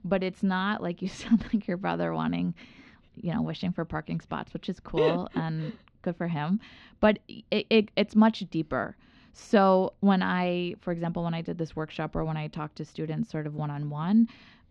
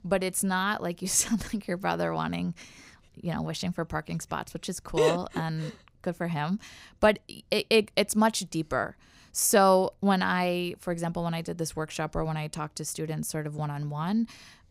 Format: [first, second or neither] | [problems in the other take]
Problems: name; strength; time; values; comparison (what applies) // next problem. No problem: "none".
second | muffled; slightly; fading above 3.5 kHz